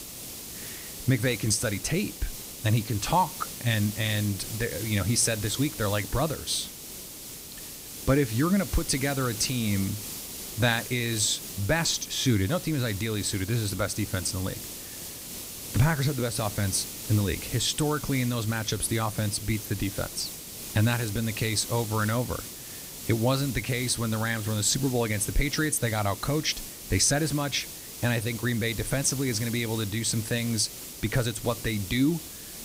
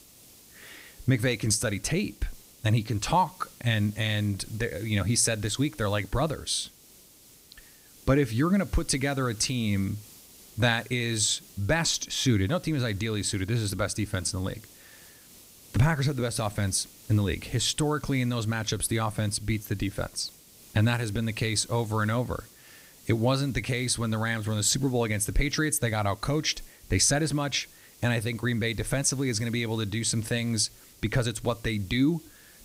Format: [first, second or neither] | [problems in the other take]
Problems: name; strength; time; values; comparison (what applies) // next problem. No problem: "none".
second | hiss; loud; throughout; 9 dB below the speech; faint in the second